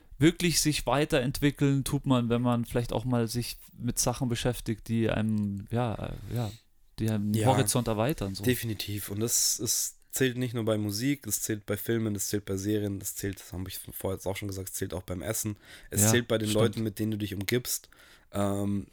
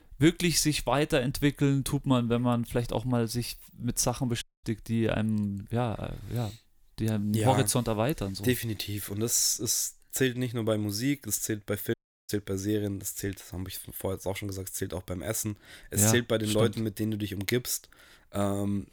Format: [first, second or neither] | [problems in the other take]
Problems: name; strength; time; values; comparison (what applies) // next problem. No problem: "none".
first | audio cutting out; at 4.5 s and at 12 s